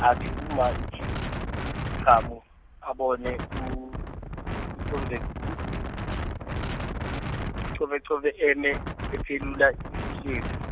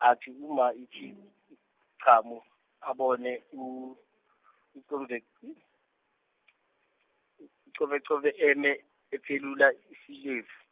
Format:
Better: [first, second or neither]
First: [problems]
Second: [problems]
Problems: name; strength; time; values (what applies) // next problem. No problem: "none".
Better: second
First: background sound (Wind); 3 dB below the speech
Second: none